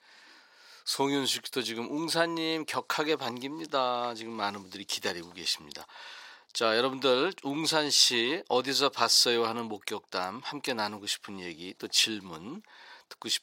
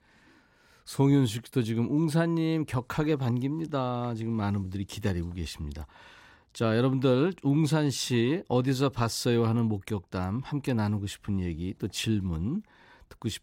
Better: second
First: thin; very; fading below 550 Hz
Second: none

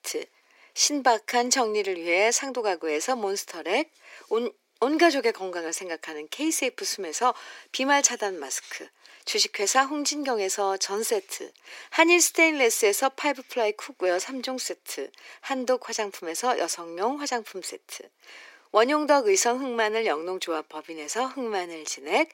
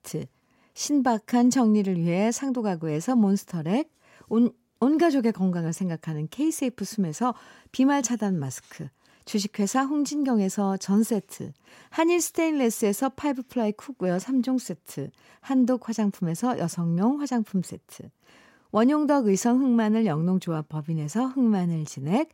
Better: second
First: thin; very; fading below 350 Hz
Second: none

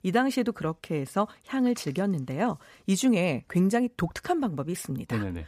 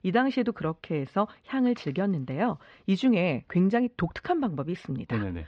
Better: first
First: none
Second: muffled; slightly; fading above 4 kHz

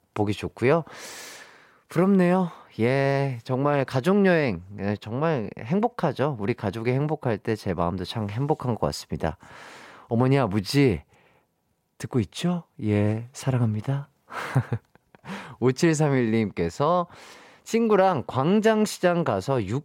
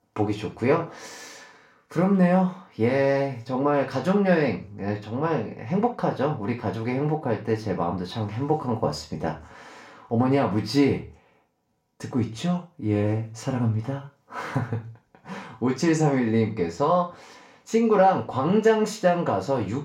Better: first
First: none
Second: room echo; slight; dies away in 0.3 s // off-mic speech; far

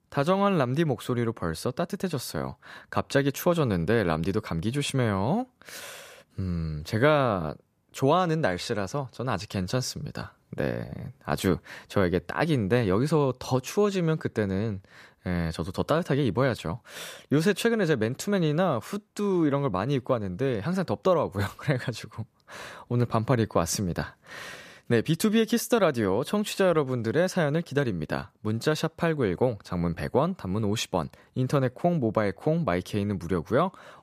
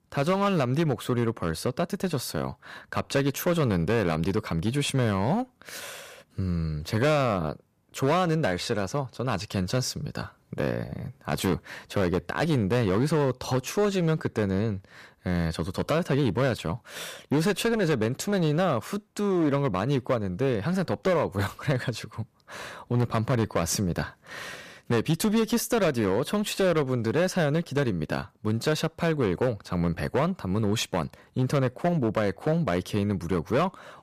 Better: first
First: none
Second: distortion; slight; 10% of the sound clipped

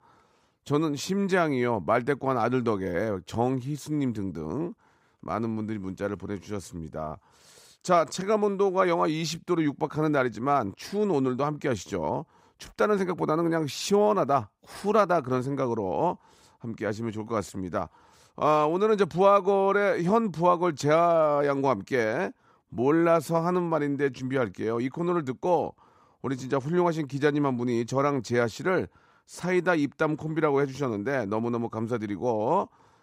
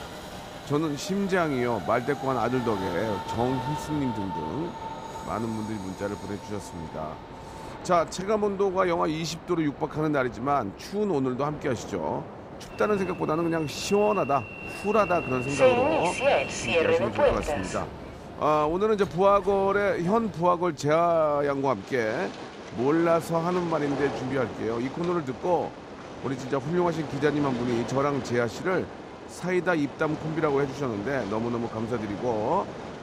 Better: first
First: none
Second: train or aircraft noise; loud; throughout; 7 dB below the speech

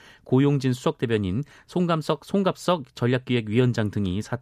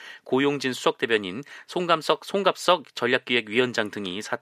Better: first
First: none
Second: thin; somewhat; fading below 400 Hz

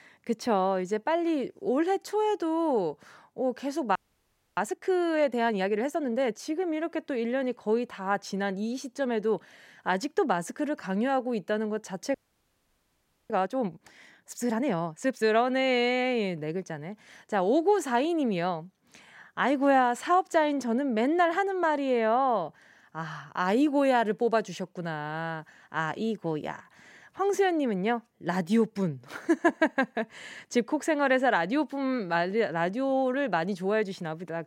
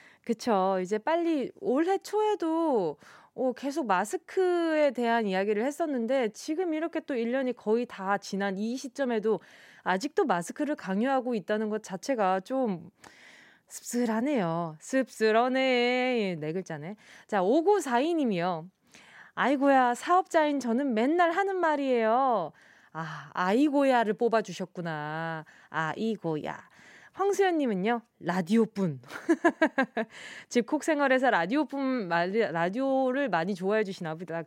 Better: second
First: audio freezing; at 4 s for 0.5 s and at 12 s for 1 s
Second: none

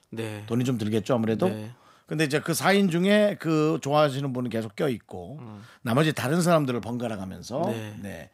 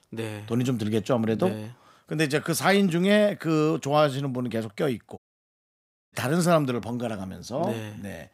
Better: first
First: none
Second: audio cutting out; at 5 s for 1 s

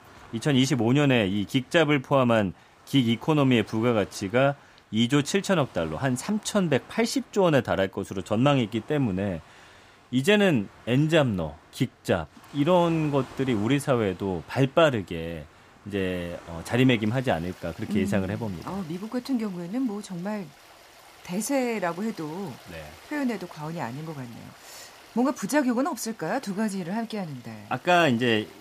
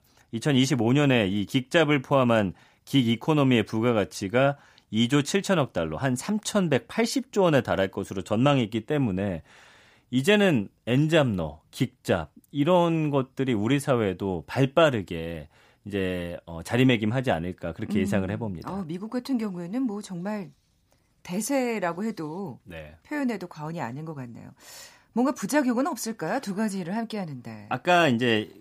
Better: second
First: rain or running water; faint; throughout; 25 dB below the speech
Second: none

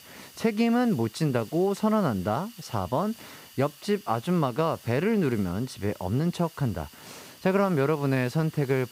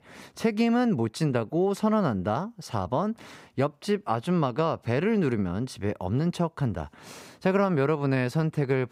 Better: second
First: hiss; faint; throughout; 20 dB below the speech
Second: none

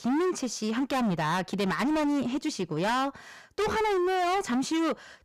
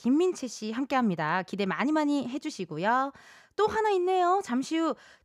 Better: second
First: distortion; heavy; 30% of the sound clipped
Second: none

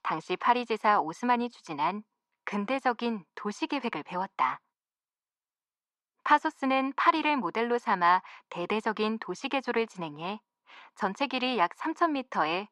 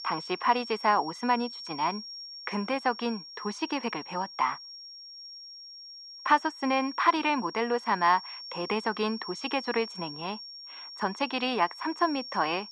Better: first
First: none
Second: high-pitched whine; noticeable; throughout; 5.5 kHz, 10 dB below the speech

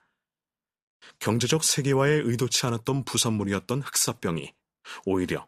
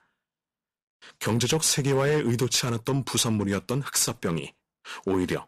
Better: first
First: none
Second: distortion; slight; 5% of the sound clipped

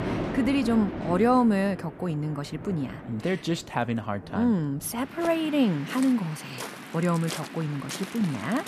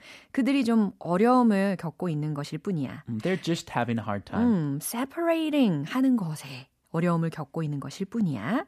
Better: second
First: rain or running water; noticeable; throughout; 10 dB below the speech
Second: none

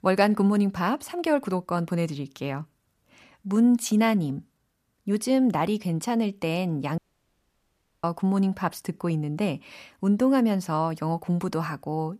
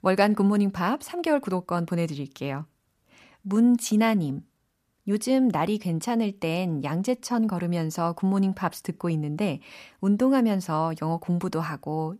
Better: second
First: audio cutting out; at 7 s for 1 s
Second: none

